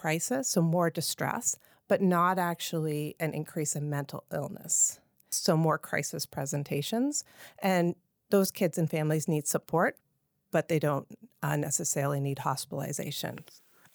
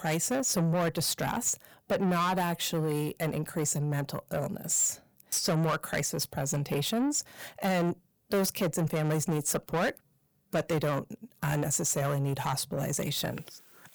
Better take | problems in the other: first | distortion; heavy; 7 dB below the speech

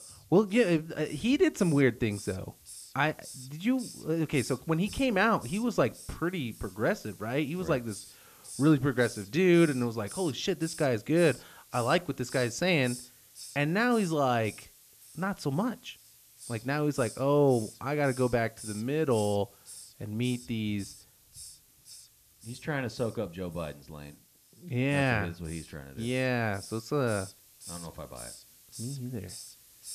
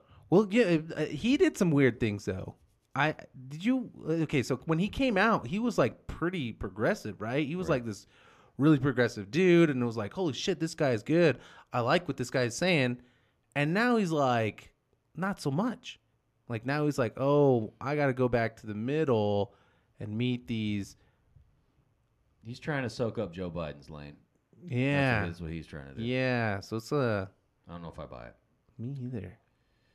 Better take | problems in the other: second | hiss; noticeable; throughout; 15 dB below the speech

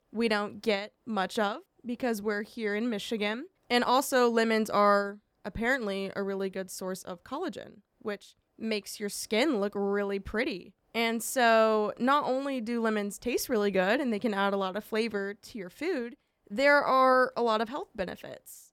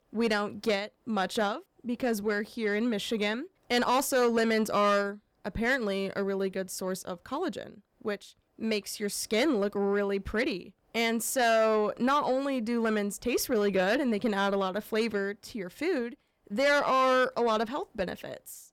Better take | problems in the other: first | distortion; slight; 10 dB below the speech

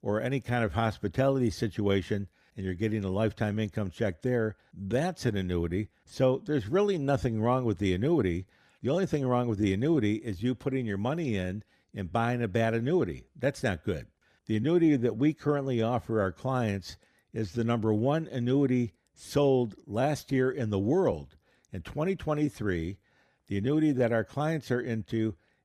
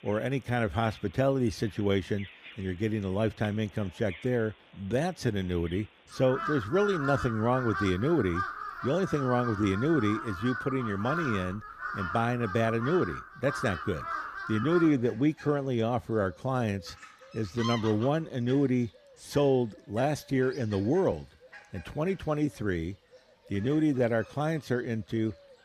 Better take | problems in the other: first | animal sounds; loud; throughout; 8 dB below the speech

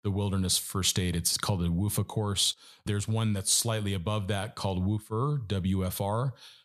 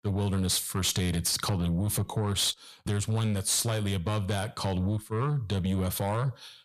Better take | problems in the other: first | distortion; slight; 10 dB below the speech

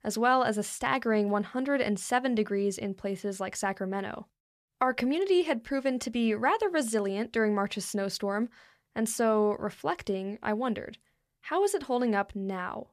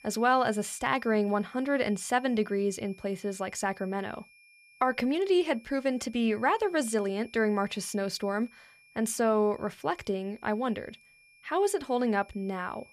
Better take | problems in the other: first | high-pitched whine; faint; throughout; 2.5 kHz, 25 dB below the speech

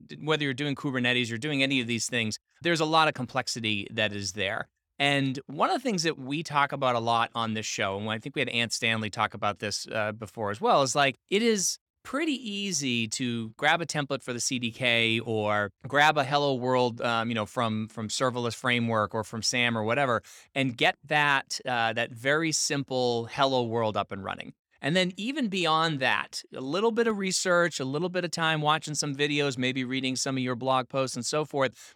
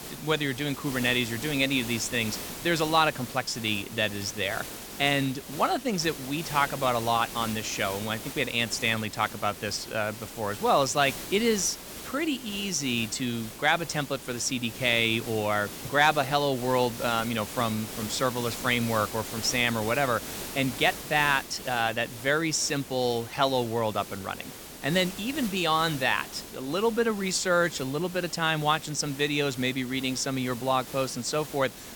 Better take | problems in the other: first | hiss; noticeable; throughout; 10 dB below the speech

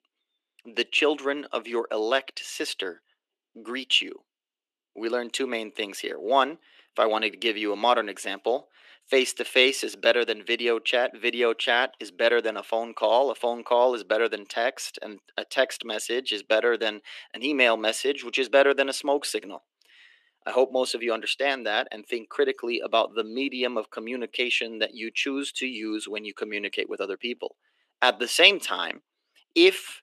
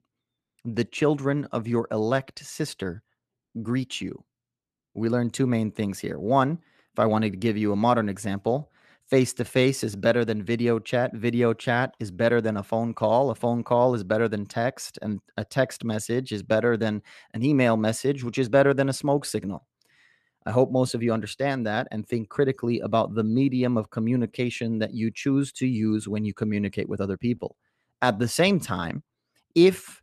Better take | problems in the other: second | thin; somewhat; fading below 300 Hz

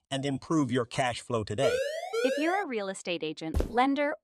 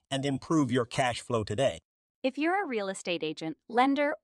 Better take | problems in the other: second | siren; noticeable; from 1.5 to 2.5 s; peak level with the speech // footsteps; noticeable; at 3.5 s; peak 4 dB below the speech

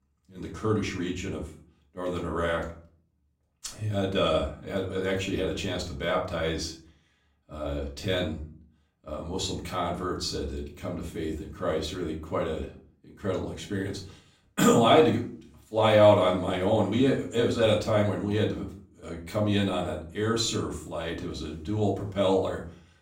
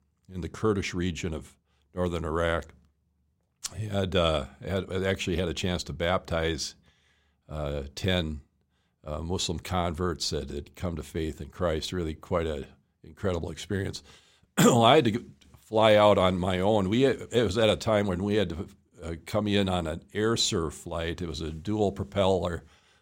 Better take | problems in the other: second | off-mic speech; far // room echo; slight; dies away in 0.4 s

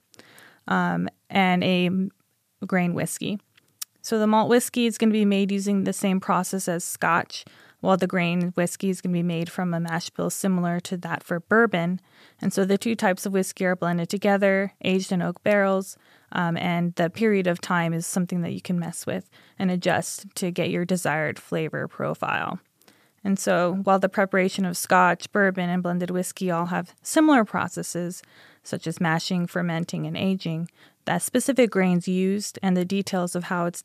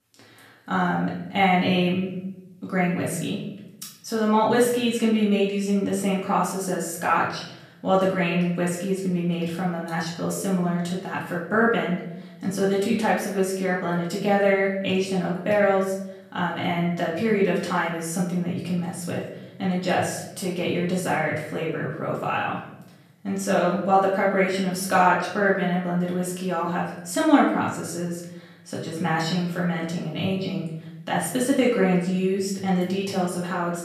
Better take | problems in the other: first | off-mic speech; far // room echo; noticeable; dies away in 0.8 s

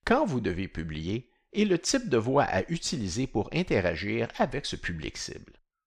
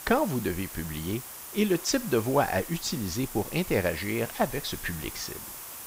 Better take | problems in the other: first | hiss; loud; throughout; 9 dB below the speech

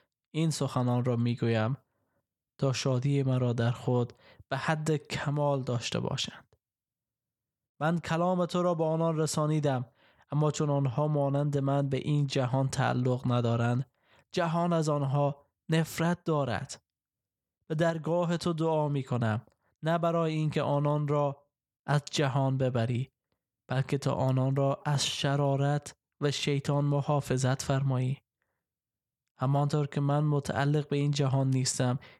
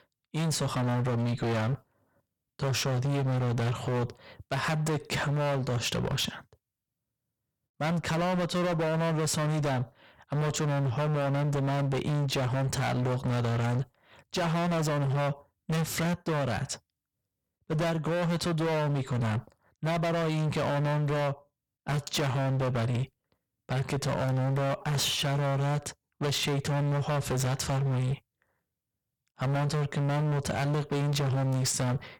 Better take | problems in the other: first | distortion; heavy; 36% of the sound clipped

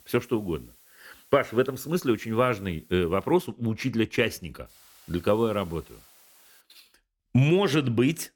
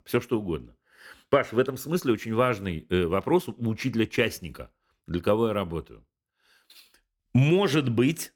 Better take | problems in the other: second | hiss; faint; until 3.5 s and from 4.5 to 6.5 s; 30 dB below the speech

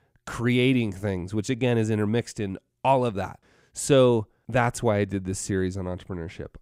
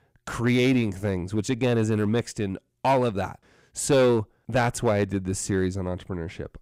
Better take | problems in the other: first | distortion; slight; 5% of the sound clipped

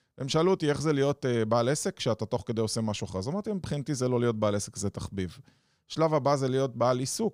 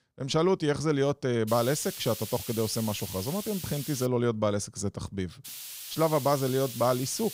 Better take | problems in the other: first | hiss; loud; from 1.5 to 4 s and from 5.5 s on; 10 dB below the speech

